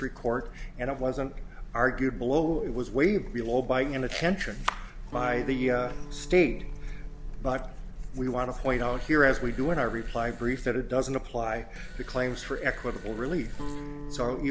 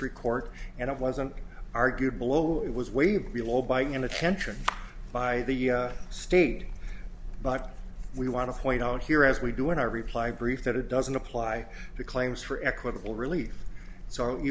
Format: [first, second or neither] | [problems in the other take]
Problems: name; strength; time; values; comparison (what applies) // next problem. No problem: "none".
second | background sound (Guitar + Fart); 18 dB below the speech